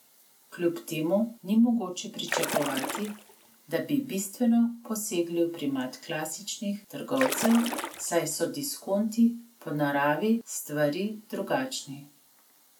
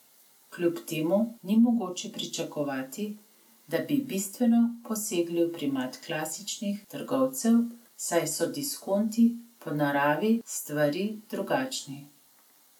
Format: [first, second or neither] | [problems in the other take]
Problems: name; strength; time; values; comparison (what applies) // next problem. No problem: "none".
second | background sound (Splash, splatter); 4 dB below the speech